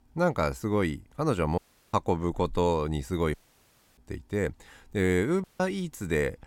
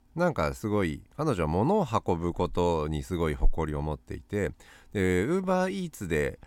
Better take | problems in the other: second | audio cutting out; at 1.5 s, at 3.5 s for 0.5 s and at 5.5 s

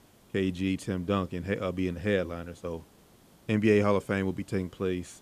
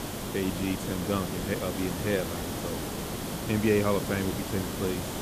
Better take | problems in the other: first | hiss; loud; throughout; 3 dB below the speech; faint in the first

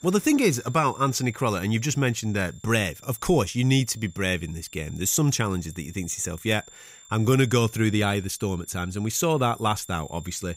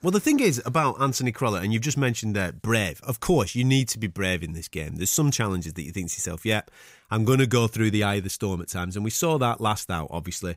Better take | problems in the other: second | high-pitched whine; faint; throughout; 7.5 kHz, 25 dB below the speech

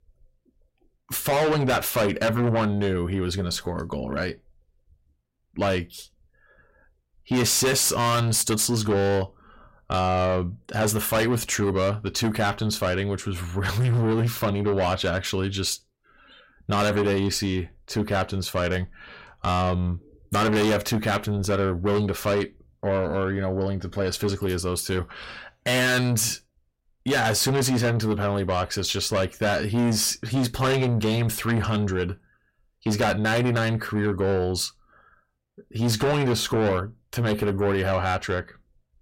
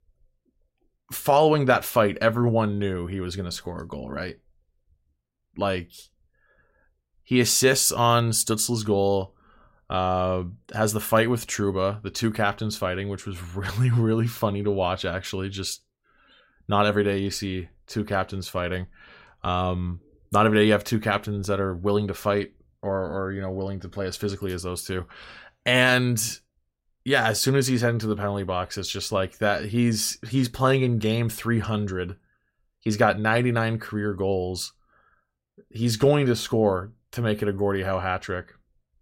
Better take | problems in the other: second | distortion; heavy; 6 dB below the speech

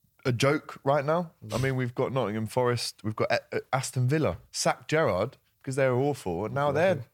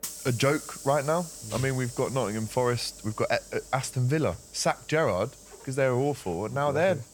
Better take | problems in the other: first | hiss; noticeable; throughout; 15 dB below the speech

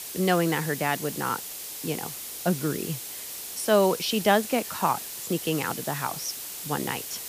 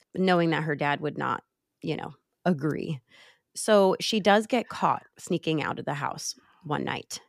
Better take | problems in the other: second | hiss; loud; throughout; 7 dB below the speech

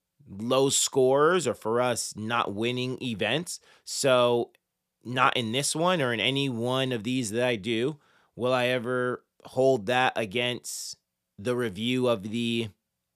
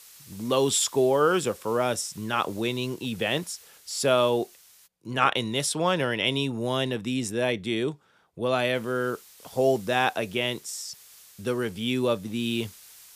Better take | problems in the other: first | hiss; faint; until 5 s and from 8.5 s on; 20 dB below the speech

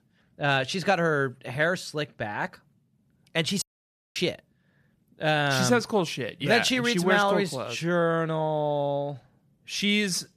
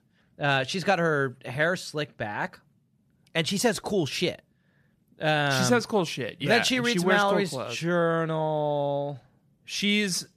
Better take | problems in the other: second | audio cutting out; at 3.5 s for 0.5 s

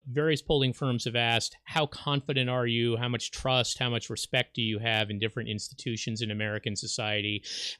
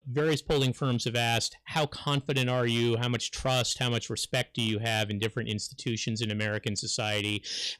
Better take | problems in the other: first | distortion; slight; 5% of the sound clipped

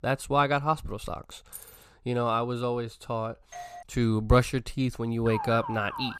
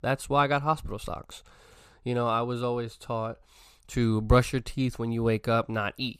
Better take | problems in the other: second | jangling keys; faint; at 1.5 s; peak 15 dB below the speech // doorbell; faint; at 3.5 s; peak 15 dB below the speech // siren; noticeable; at 5.5 s; peak 7 dB below the speech

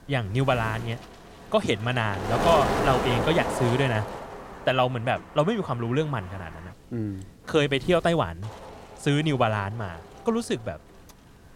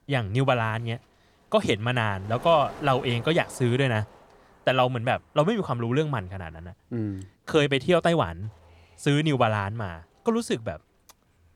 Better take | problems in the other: second | wind noise on the microphone; heavy; 4 dB below the speech; occasional gusts in the second

